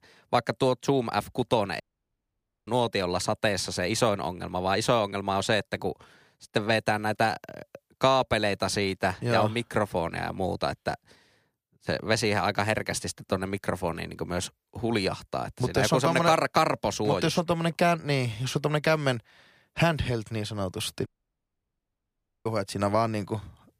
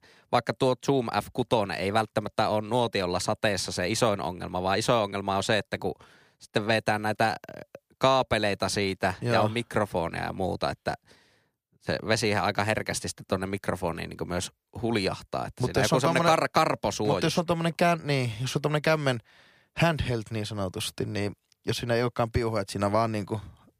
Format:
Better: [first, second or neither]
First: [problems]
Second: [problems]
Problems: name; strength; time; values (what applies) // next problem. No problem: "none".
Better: second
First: audio cutting out; at 2 s for 1 s and at 21 s for 1.5 s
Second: none